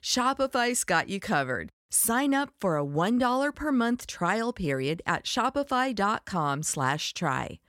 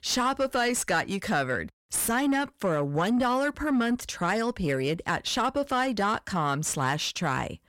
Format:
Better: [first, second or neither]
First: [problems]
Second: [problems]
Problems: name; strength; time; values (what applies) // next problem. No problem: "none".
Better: first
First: none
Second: distortion; slight; 10 dB below the speech